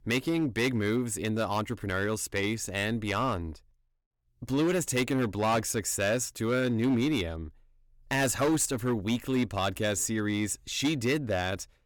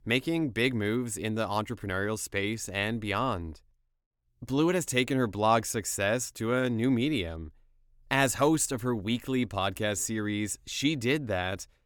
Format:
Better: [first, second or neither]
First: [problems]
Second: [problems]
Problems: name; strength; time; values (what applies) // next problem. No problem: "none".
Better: second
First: distortion; slight; 6% of the sound clipped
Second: none